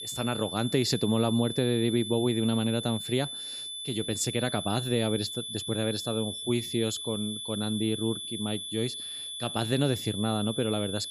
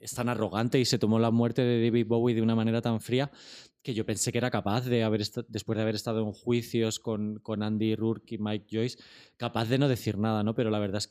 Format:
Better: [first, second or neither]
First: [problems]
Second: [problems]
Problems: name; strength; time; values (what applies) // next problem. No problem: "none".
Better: second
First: high-pitched whine; loud; throughout; 3.5 kHz, 6 dB below the speech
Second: none